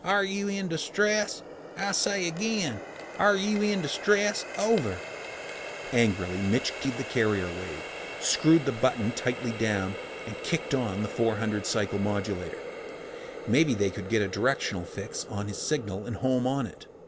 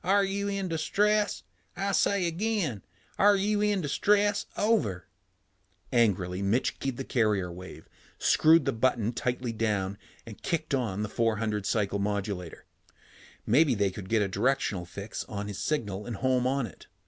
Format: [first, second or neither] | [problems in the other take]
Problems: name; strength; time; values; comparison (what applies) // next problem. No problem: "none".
second | background sound (Water tap, faucet); 11 dB below the speech